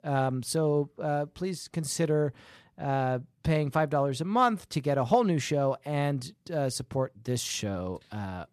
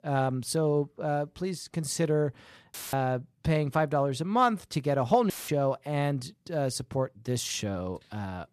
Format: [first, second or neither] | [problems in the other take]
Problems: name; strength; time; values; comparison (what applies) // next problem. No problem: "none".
first | audio cutting out; filled with static; at 2.5 s and at 5.5 s